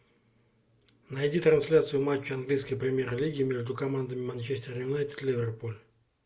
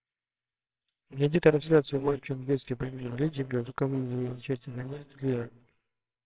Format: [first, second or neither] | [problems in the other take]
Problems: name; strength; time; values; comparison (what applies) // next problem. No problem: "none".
first | noise reduction (neural separator model SepFormer WHAMR!)